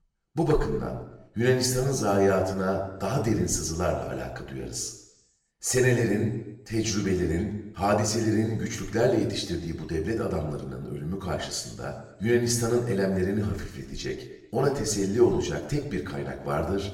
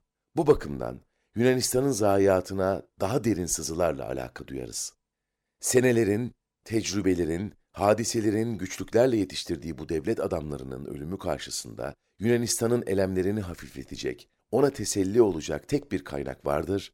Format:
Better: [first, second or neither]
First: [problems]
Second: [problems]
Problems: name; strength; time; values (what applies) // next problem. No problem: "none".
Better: second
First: room echo; slight; dies away in 0.8 s // off-mic speech; somewhat distant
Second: none